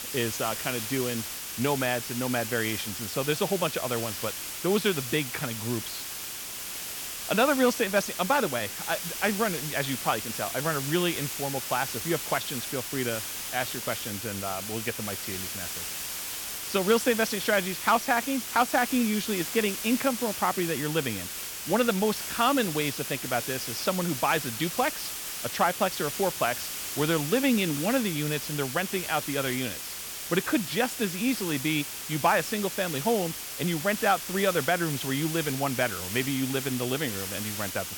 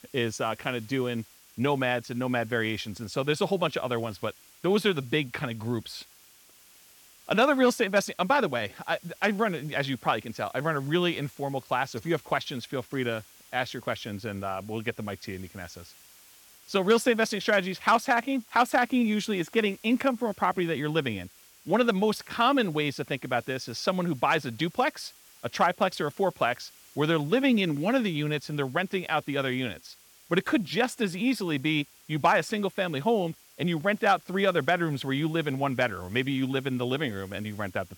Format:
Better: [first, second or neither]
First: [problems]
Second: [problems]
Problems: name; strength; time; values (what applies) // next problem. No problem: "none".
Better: second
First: hiss; loud; throughout; 5 dB below the speech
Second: hiss; faint; throughout; 25 dB below the speech